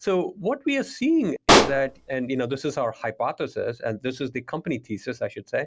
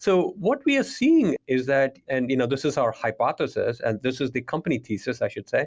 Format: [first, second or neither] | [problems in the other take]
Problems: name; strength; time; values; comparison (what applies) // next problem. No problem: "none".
second | background sound (Explosion); 3 dB above the speech